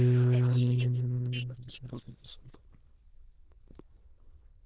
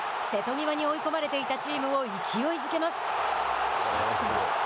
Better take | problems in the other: second | noise reduction (neural diffusion model UNIVERSE++)

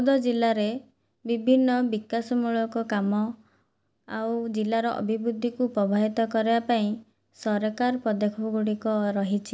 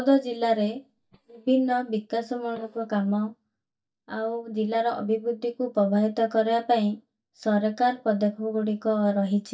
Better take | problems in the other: first | noise reduction (neural mask model DeepFilterNet 3)

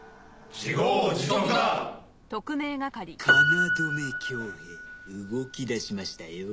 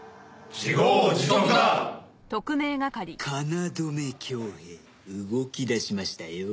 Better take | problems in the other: second | background sound (Piano); 1 dB below the speech

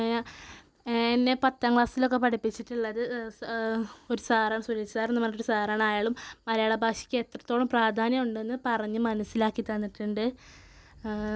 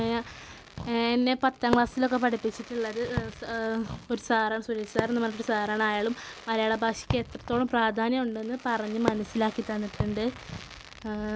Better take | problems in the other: first | background sound (Fireworks); 10 dB below the speech

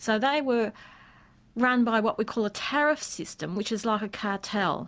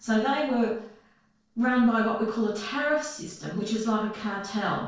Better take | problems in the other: first | noise reduction (neural separator model SepFormer DNS4)

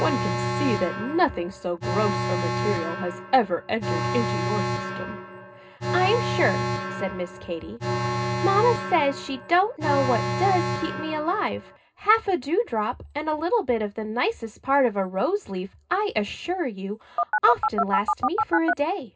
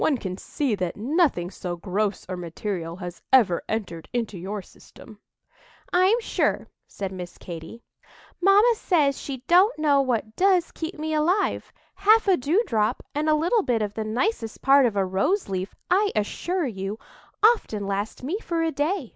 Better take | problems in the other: second | background sound (Alarm); 3 dB below the speech // room echo; dies away in 0.2 s

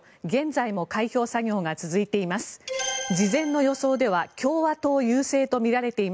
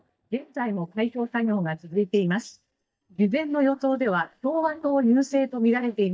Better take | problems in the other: first | noise reduction (neural mask model DeepFilterNet 3)

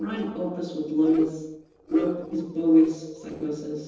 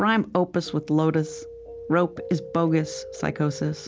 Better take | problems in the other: second | noise reduction (neural separator model SepFormer DNS4)

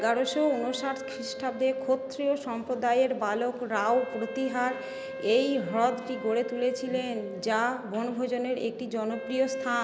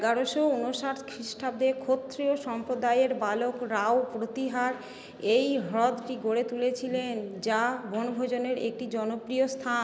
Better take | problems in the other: second | background sound (Wind instrument, woodwind instrument); 12 dB below the speech

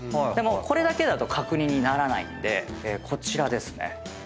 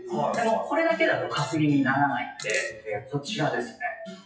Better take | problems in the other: first | noise reduction (classical method WPE with log-MMSE)

